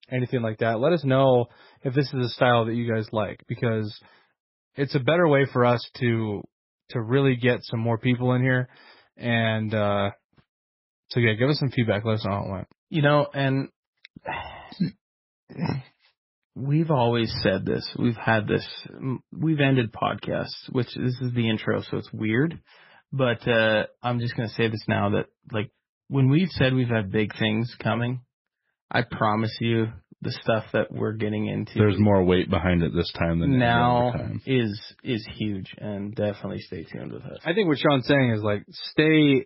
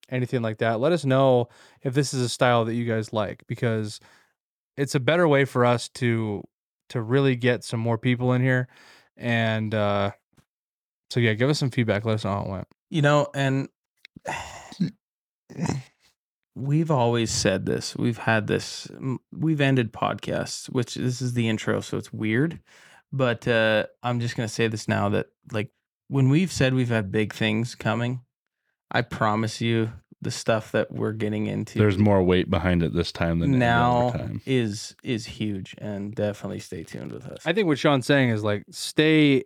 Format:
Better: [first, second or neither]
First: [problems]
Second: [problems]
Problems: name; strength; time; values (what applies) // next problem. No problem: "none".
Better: second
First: garbled, watery; badly; nothing above 5.5 kHz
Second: none